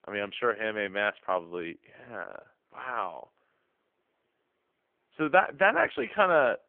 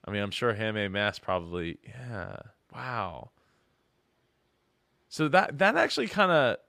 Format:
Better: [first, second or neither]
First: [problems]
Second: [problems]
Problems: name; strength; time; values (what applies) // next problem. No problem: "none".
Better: second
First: phone-call audio; poor line; nothing above 3.5 kHz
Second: none